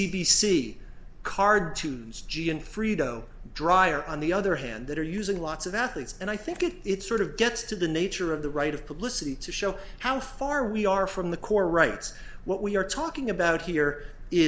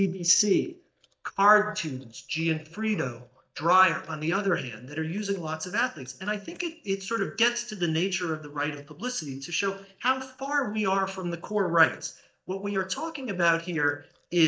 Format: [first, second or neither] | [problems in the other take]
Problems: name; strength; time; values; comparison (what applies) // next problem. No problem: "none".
first | noise reduction (neural mask model DeepFilterNet 3)